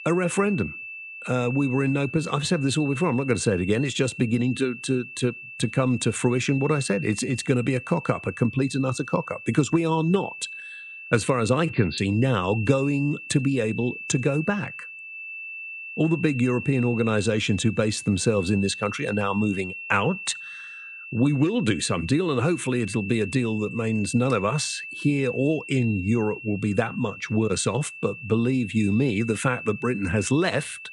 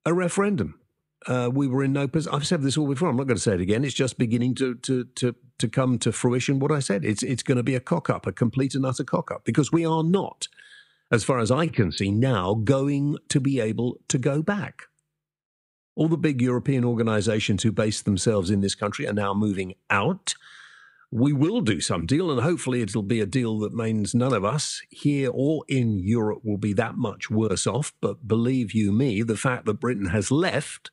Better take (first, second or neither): second